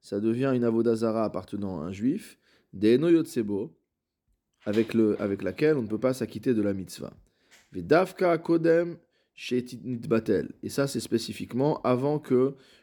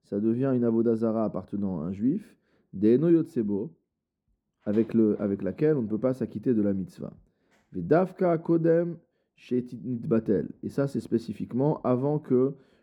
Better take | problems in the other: first | muffled; slightly; fading above 1.5 kHz

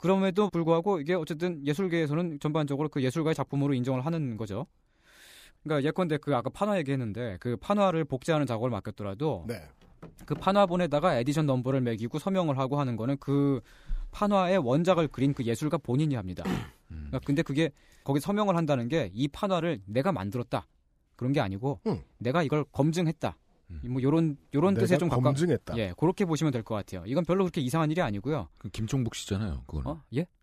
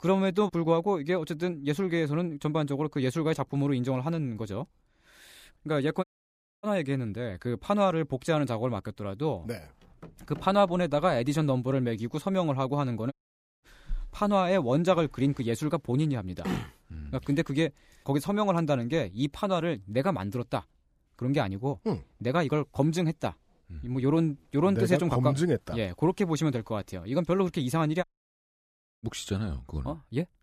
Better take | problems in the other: first | audio cutting out; at 6 s for 0.5 s, at 13 s for 0.5 s and at 28 s for 1 s

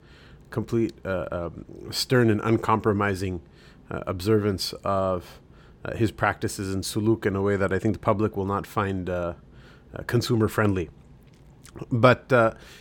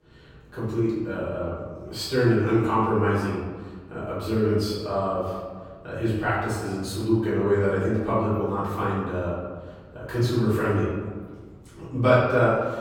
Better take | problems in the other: first | off-mic speech; far // room echo; strong; dies away in 1.3 s

